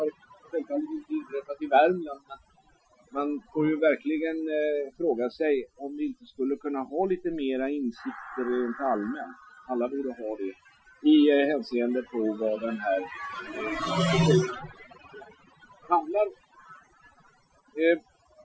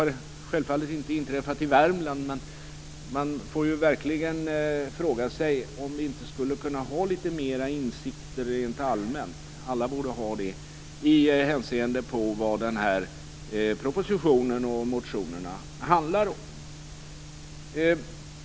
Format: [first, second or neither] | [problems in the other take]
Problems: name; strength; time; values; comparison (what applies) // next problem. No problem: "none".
second | noise reduction (classical method Wiener filter)